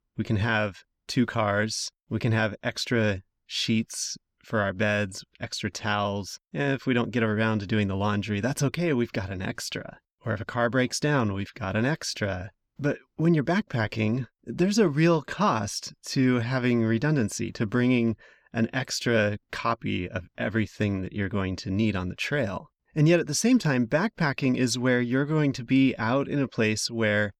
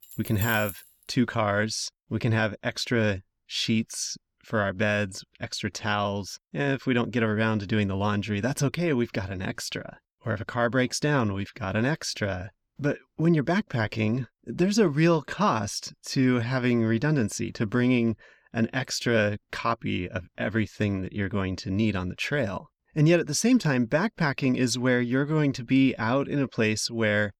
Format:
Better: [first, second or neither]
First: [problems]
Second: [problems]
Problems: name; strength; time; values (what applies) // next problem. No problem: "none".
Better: first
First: none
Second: jangling keys; noticeable; at the start; peak 7 dB below the speech